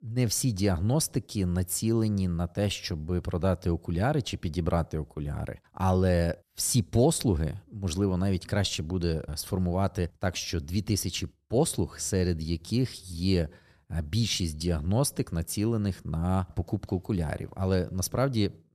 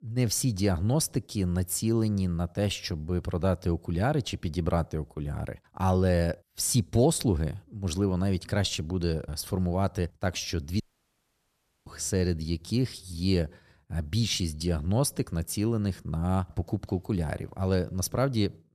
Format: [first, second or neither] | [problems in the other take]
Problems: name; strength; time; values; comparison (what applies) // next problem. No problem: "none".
first | audio cutting out; at 11 s for 1 s